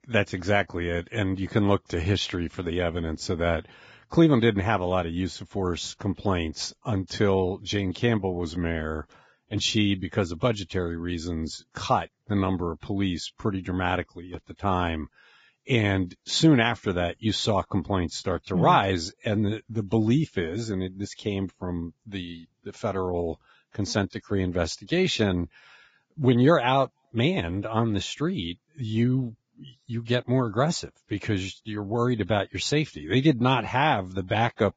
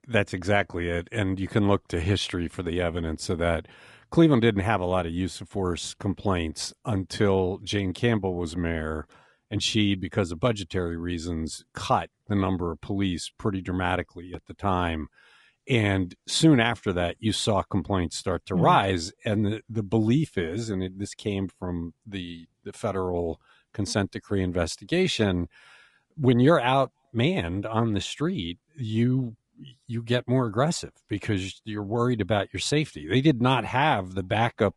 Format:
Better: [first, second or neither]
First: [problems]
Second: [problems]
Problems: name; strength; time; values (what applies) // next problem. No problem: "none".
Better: second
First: garbled, watery; badly; nothing above 7.5 kHz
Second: garbled, watery; slightly; nothing above 10.5 kHz